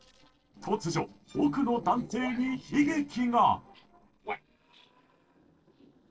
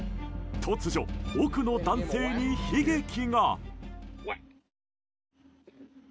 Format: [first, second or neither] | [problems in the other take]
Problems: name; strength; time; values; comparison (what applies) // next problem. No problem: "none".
second | noise reduction (neural separator model SepFormer DNS4)